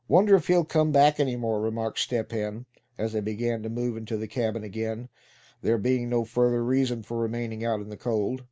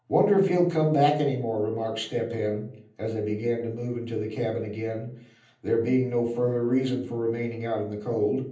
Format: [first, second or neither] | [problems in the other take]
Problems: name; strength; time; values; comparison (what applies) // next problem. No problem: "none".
first | room echo; dies away in 0.6 s